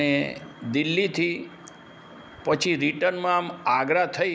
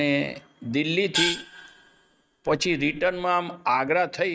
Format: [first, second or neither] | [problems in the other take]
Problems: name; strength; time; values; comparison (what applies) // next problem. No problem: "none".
first | noise reduction (neural mask model RNNoise)